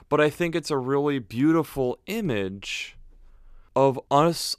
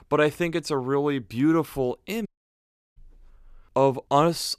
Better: first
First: none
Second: audio cutting out; at 2.5 s for 0.5 s

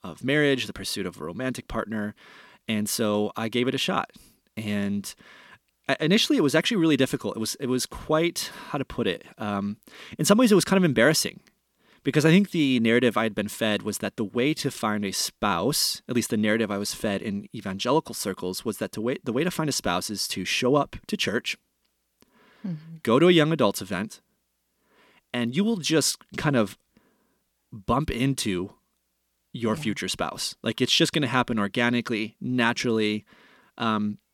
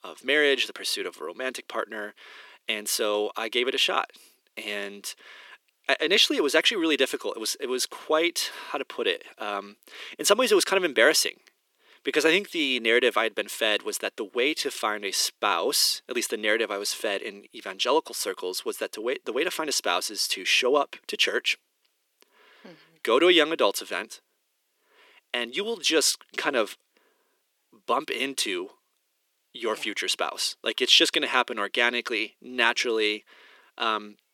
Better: first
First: none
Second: thin; somewhat; fading below 350 Hz

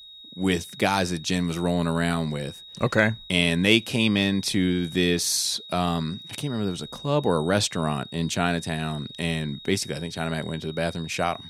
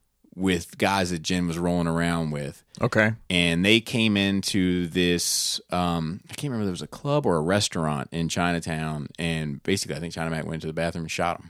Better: second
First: high-pitched whine; noticeable; throughout; 4 kHz, 15 dB below the speech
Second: none

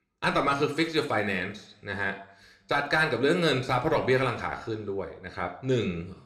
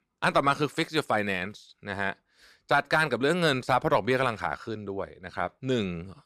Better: second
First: room echo; very slight; dies away in 0.6 s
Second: none

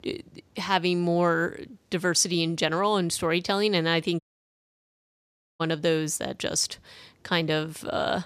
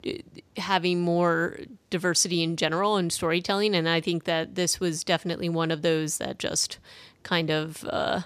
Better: second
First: audio cutting out; at 4 s for 1.5 s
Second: none

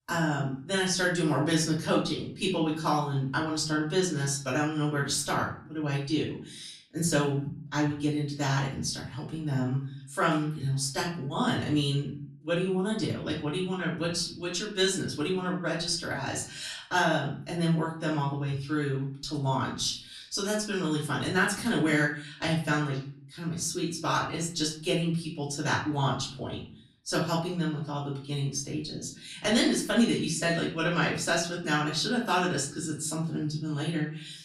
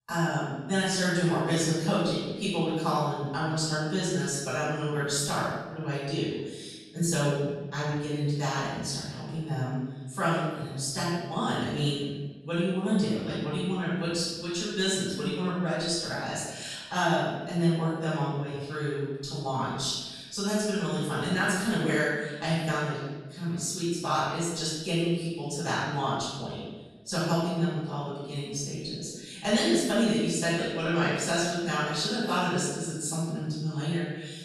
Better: first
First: room echo; slight; dies away in 0.5 s // off-mic speech; far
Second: room echo; strong; dies away in 1.1 s // off-mic speech; far

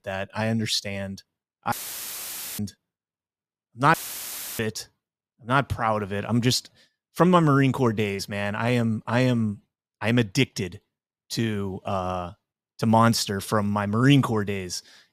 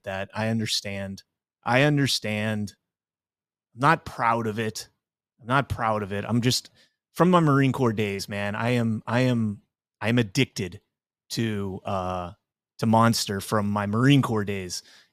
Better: second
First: audio cutting out; filled with static; at 1.5 s for 1 s and at 4 s for 0.5 s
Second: none

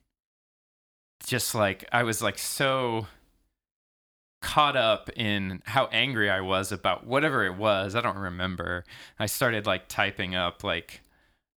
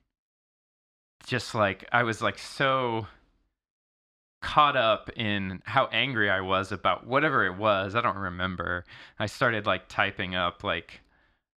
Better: first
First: none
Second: muffled; slightly; fading above 4 kHz

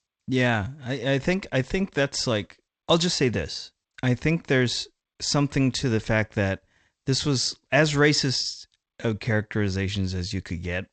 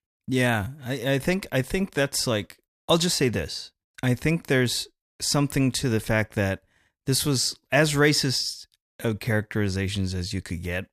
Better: second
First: garbled, watery; slightly; nothing above 8 kHz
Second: none

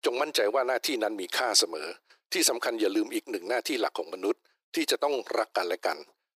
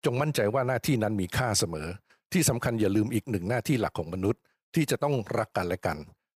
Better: second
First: thin; very; fading below 350 Hz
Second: none

